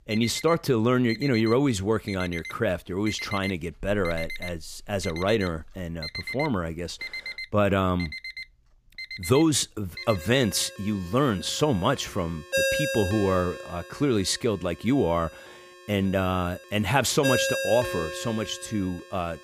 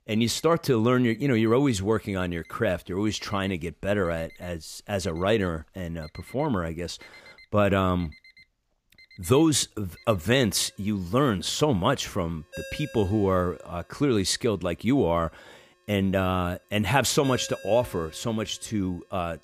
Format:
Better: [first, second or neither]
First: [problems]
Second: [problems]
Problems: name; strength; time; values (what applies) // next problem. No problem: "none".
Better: second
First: alarms or sirens; loud; throughout; 7 dB below the speech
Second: alarms or sirens; faint; throughout; 25 dB below the speech